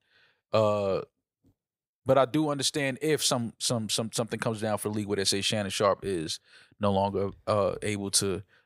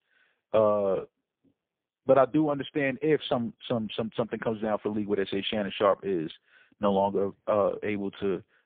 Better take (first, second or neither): first